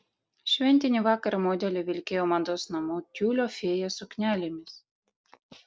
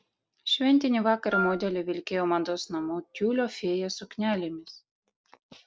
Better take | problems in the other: first | background sound (Wind instrument, woodwind instrument); 3 dB below the speech

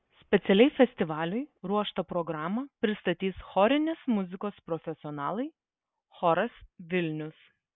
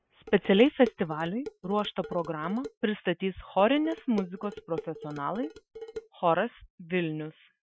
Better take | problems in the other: first | noise reduction (classical method Wiener filter)

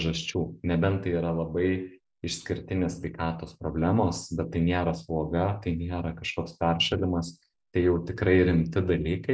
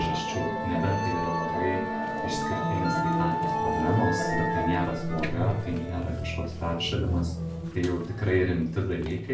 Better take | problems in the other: first | background sound (Musical instrument); as loud as the speech // room echo; dies away in 0.3 s

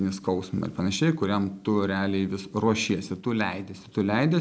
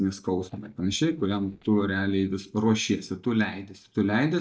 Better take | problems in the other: first | noise reduction (neural mask model DeepFilterNet 3)

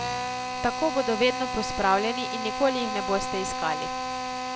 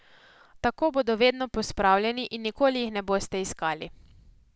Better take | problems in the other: second | background sound (Drill); 3 dB below the speech

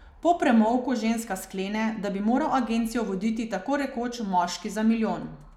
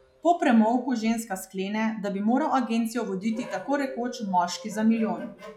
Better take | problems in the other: first | noise reduction (classical method log-MMSE)

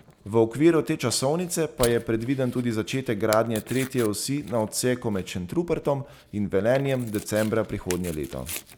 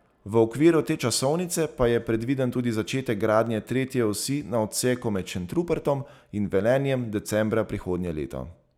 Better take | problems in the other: second | background sound (Tearing); 17 dB below the speech

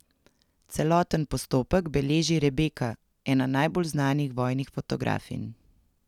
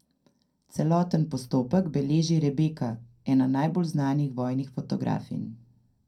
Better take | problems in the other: first | room echo; dies away in 0.2 s

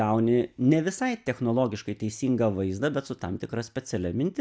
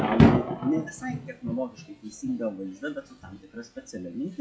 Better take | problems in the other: first | noise reduction (classical method WPE with log-MMSE)

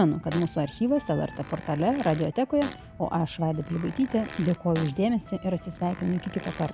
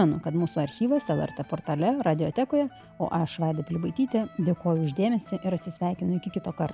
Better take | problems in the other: second | background sound (Fart); 15 dB below the speech

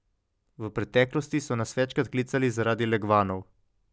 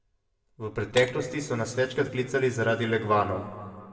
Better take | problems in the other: first | background sound (Shatter); 19 dB below the speech // room echo; dies away in 1.7 s

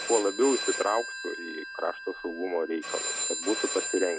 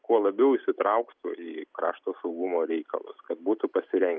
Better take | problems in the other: second | background sound (Telephone); 4 dB below the speech

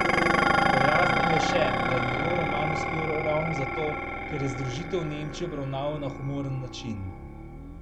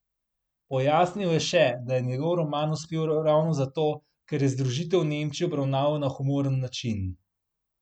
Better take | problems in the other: second | background sound (Dishes, pots, and pans); 4 dB above the speech

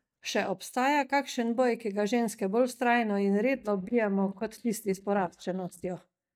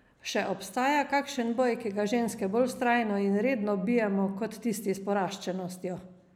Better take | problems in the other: second | noise reduction (neural mask model DeepFilterNet 3)

